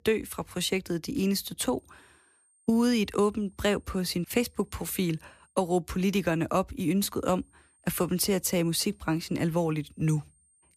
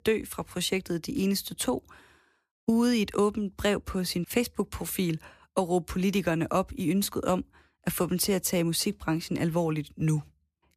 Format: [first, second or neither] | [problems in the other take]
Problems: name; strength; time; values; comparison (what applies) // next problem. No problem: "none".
second | high-pitched whine; faint; from 2 to 5.5 s and from 7 s on; 8.5 kHz, 35 dB below the speech